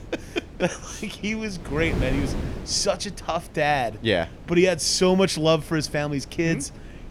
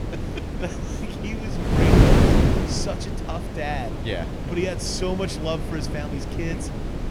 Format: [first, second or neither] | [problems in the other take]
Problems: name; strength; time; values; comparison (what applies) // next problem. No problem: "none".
first | wind noise on the microphone; heavy; 2 dB above the speech; occasional gusts in the first